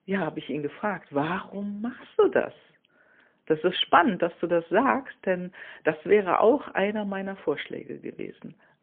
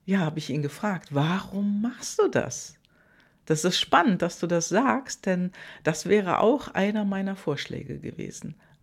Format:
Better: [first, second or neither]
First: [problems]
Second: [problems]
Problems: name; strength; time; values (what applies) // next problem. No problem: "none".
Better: second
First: phone-call audio; poor line; nothing above 3.5 kHz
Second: none